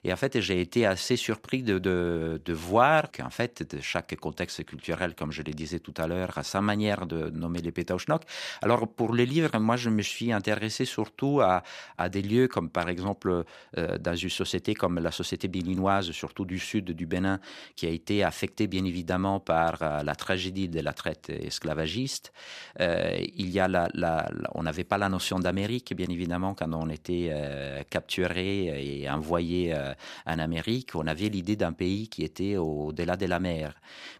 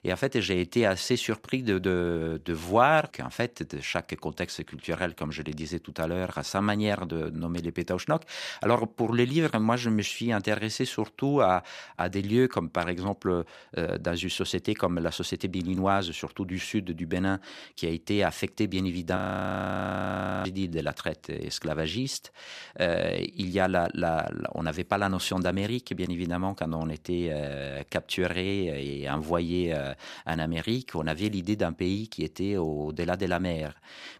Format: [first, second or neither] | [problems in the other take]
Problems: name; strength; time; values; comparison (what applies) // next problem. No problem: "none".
first | audio freezing; at 19 s for 1.5 s